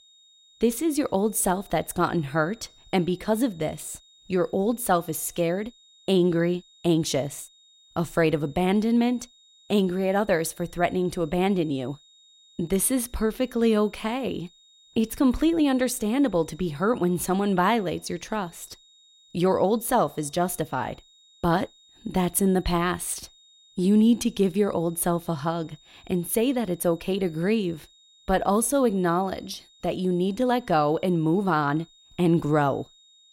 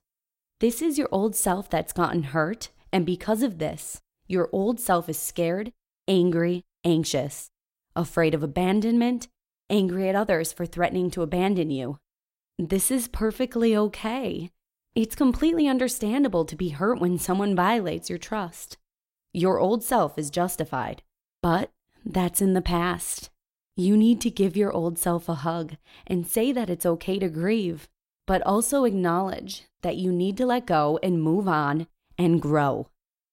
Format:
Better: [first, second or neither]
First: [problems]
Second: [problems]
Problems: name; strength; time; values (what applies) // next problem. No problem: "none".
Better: second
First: high-pitched whine; faint; throughout; 3.5 kHz, 30 dB below the speech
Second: none